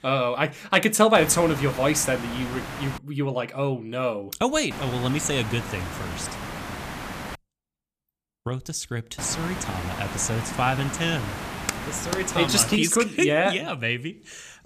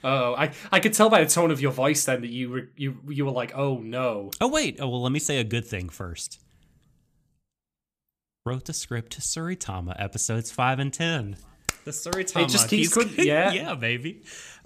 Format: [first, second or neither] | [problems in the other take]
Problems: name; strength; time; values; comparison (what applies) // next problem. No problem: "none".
second | hiss; loud; from 1 to 3 s, from 4.5 to 7.5 s and from 9 to 13 s; 10 dB below the speech